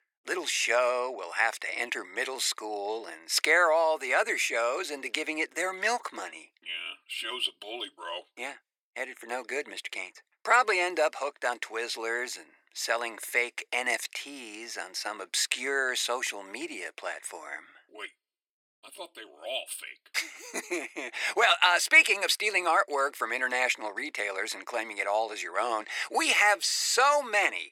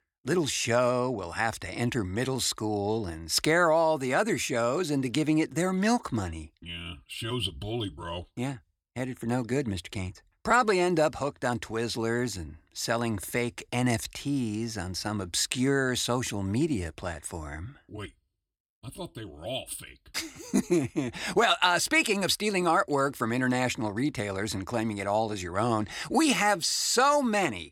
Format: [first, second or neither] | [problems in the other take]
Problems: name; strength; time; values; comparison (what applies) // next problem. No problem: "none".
second | thin; very; fading below 450 Hz